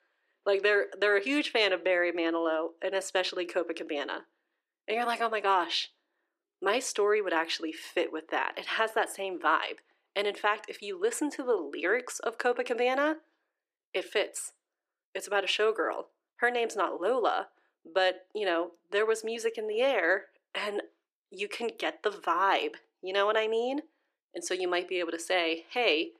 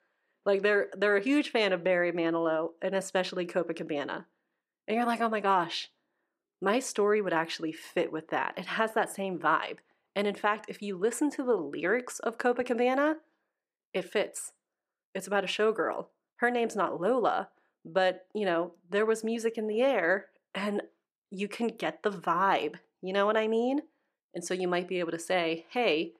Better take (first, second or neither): second